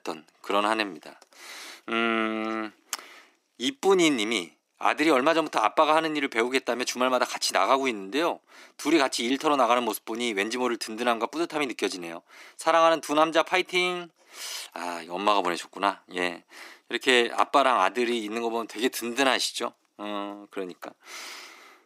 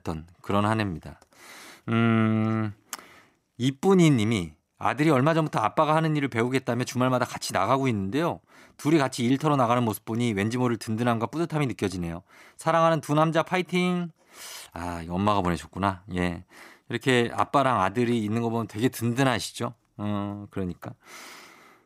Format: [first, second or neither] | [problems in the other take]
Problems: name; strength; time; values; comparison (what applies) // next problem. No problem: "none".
second | thin; somewhat; fading below 300 Hz